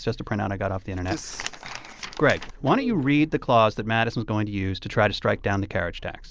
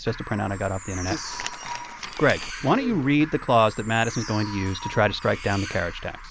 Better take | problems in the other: first | background sound (Bird); 14 dB below the speech

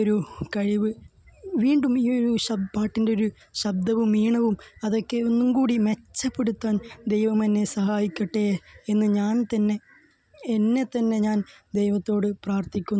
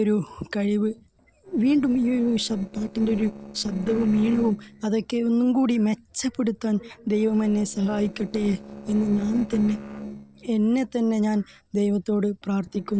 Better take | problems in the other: first | noise reduction (neural separator model SepFormer DNS4)

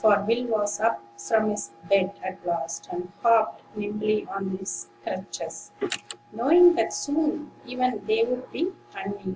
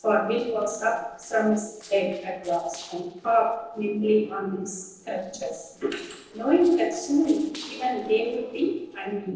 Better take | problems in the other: first | noise reduction (neural separator model SepFormer DNS4)

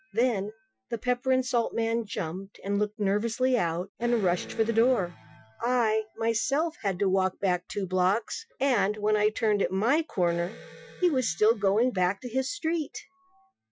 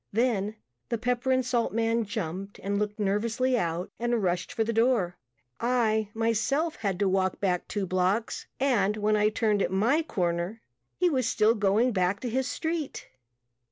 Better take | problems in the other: second | noise reduction (classical method Wiener filter)

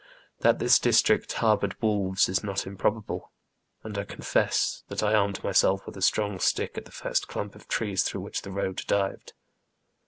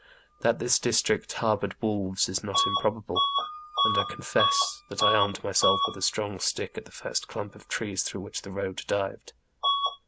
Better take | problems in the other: first | background sound (Bus / Alarm); 2 dB below the speech

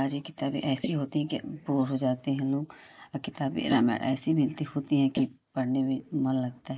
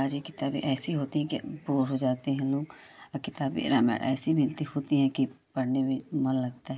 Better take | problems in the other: second | noise reduction (neural mask model Resemble Enhance denoiser)

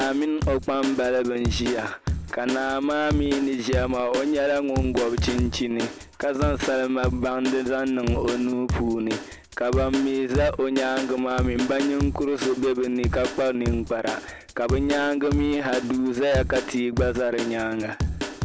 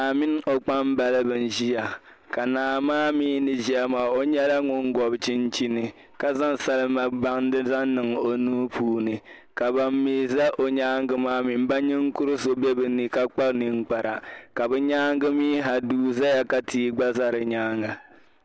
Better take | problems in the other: second | background sound (Drum kit); 6 dB below the speech

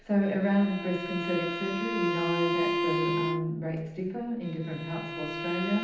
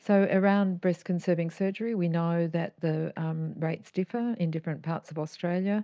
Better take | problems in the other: second | background sound (Bowed string instrument); 2 dB below the speech // room echo; dies away in 0.8 s

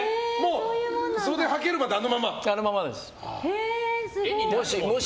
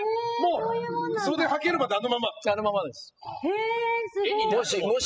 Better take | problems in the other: first | noise reduction (classical method spectral subtraction)

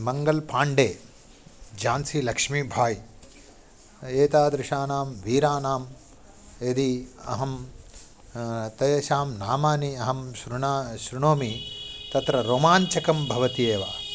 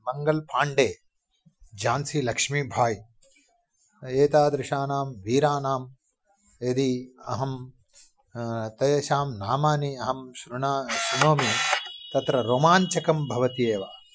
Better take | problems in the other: first | noise reduction (classical method Wiener filter)

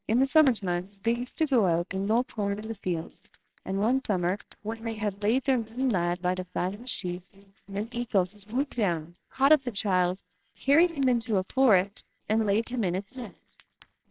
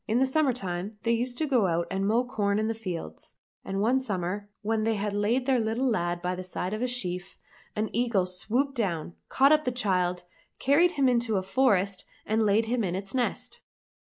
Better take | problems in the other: second | noise reduction (neural separator model SepFormer WHAMR!)

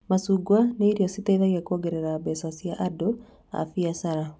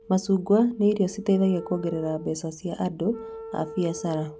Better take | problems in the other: first | background sound (Wind instrument, woodwind instrument); 16 dB below the speech

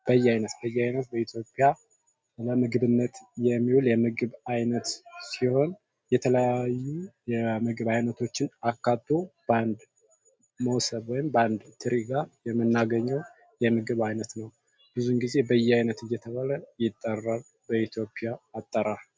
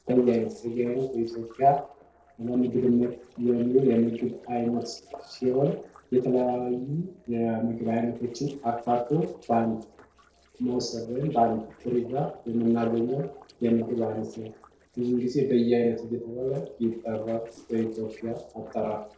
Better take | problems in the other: first | noise reduction (neural separator model SepFormer DNS4)

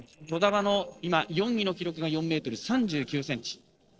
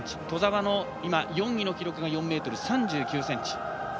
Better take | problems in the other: second | noise reduction (neural separator model SepFormer DNS4)

